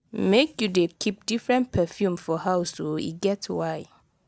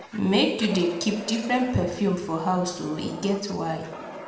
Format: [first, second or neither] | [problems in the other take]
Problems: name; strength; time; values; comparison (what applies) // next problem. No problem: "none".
first | background sound (Fire); 15 dB below the speech // room echo; dies away in 0.9 s